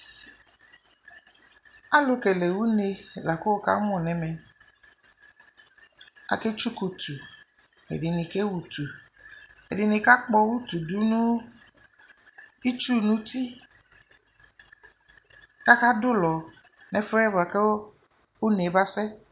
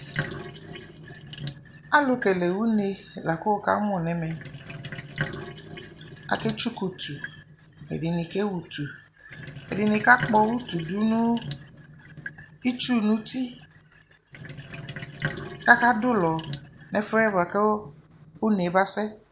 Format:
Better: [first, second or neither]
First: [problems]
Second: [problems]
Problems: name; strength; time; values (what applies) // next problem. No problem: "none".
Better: first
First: none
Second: background sound (Sink (filling or washing)); 13 dB below the speech